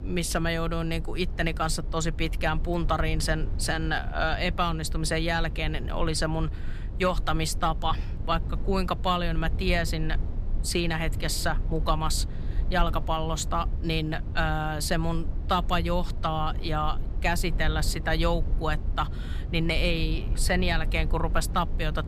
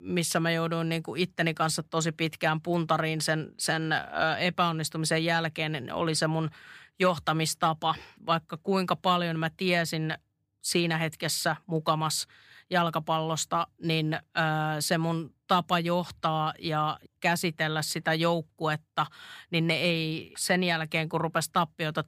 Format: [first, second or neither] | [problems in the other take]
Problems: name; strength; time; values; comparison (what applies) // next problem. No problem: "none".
second | low rumble; noticeable; throughout; 20 dB below the speech